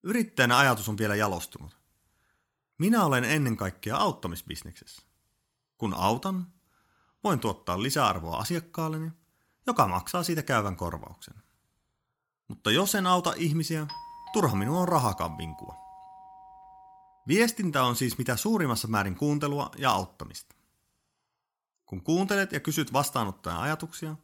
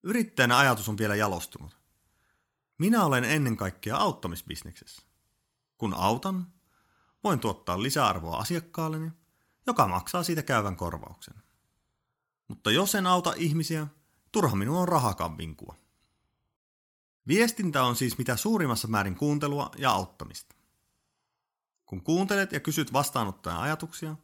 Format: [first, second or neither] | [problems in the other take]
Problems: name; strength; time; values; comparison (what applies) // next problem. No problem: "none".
second | doorbell; faint; from 14 to 17 s; peak 15 dB below the speech